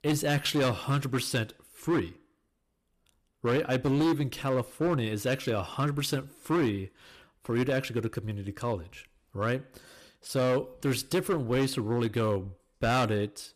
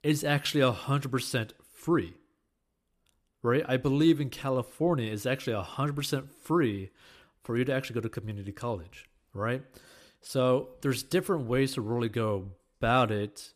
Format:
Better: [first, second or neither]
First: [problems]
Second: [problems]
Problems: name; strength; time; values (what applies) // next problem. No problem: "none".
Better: second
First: distortion; slight; 8% of the sound clipped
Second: none